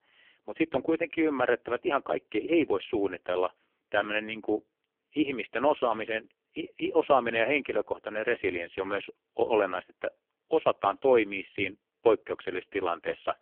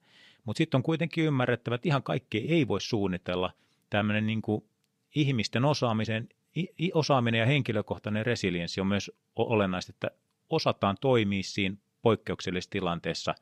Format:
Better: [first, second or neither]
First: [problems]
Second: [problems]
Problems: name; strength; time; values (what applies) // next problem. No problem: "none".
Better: second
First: phone-call audio; poor line; nothing above 3 kHz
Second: none